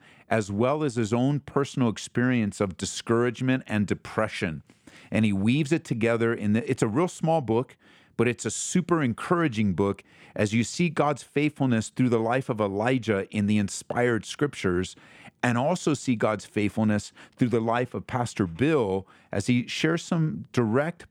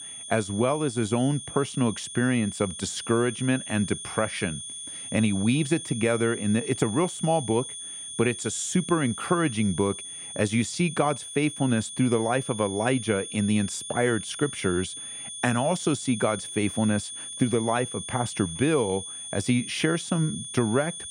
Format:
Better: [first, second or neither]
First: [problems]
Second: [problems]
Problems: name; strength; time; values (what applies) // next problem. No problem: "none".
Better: first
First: none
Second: high-pitched whine; loud; throughout; 9 kHz, 9 dB below the speech